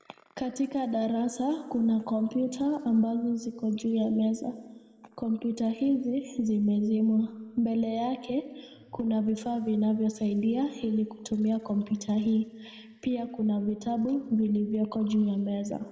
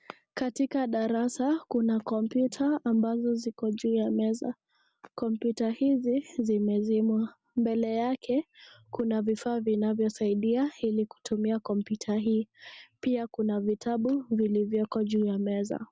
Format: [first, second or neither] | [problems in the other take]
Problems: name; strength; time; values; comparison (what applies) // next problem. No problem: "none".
second | room echo; dies away in 1.3 s